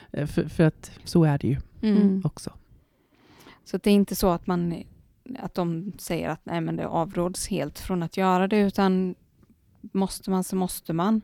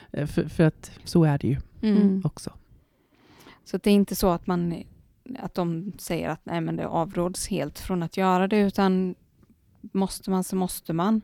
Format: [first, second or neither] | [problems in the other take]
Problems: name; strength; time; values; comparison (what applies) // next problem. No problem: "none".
neither | none